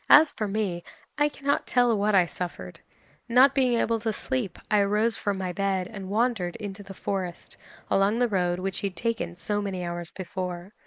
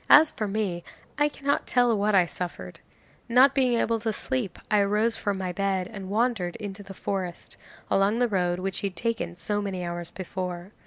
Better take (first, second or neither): second